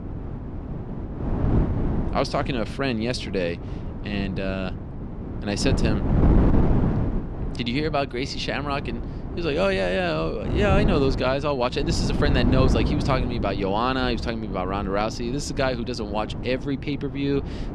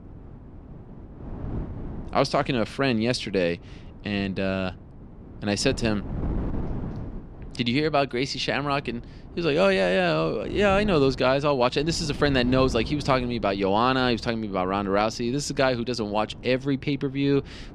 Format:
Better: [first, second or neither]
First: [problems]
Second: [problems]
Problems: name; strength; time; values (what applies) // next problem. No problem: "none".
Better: second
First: wind noise on the microphone; heavy; 8 dB below the speech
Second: wind noise on the microphone; occasional gusts; 20 dB below the speech